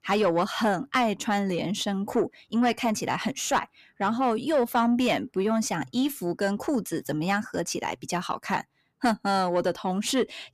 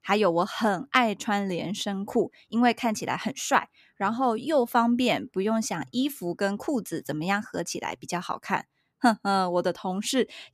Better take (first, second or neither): second